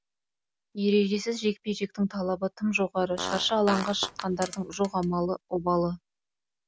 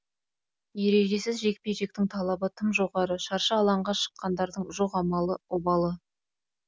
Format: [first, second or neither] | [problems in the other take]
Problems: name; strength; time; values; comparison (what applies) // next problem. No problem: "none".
second | background sound (Fart); 9 dB below the speech